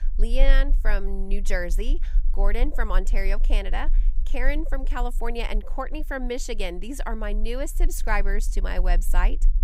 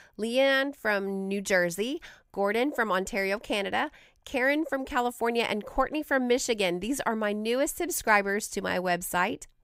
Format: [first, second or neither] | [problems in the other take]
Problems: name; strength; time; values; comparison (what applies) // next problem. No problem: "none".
second | low rumble; faint; throughout; 25 dB below the speech